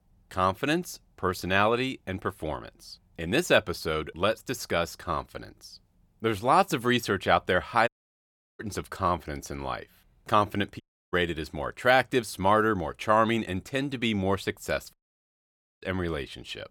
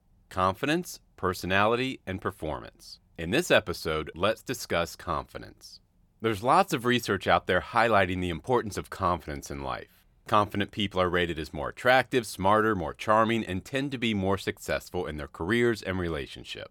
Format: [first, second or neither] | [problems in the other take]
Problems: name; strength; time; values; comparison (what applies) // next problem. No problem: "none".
second | audio cutting out; at 8 s for 0.5 s, at 11 s and at 15 s for 1 s